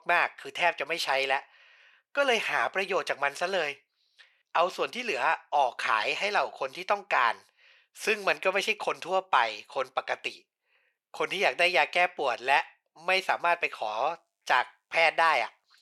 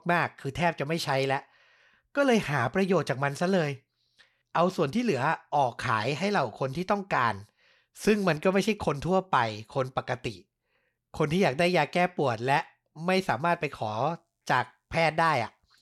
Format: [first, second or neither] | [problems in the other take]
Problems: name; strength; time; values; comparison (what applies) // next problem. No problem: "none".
second | thin; very; fading below 600 Hz